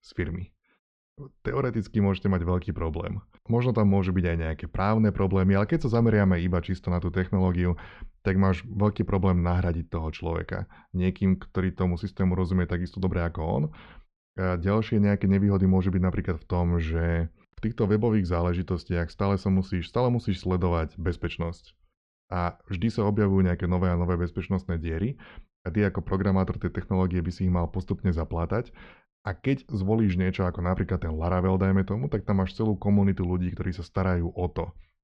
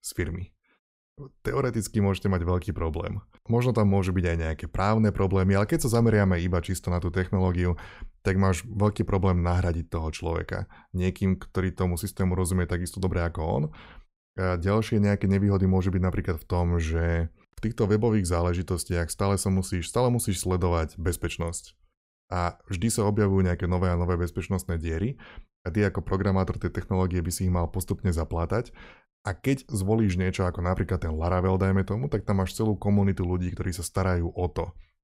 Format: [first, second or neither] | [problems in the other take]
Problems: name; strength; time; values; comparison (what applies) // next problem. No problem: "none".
second | muffled; slightly; fading above 4 kHz